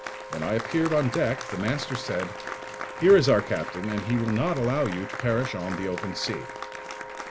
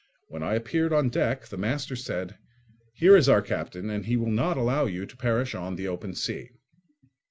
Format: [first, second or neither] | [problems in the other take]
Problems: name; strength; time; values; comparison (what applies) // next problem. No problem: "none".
second | background sound (Applause + Wind instrument, woodwind instrument); 10 dB below the speech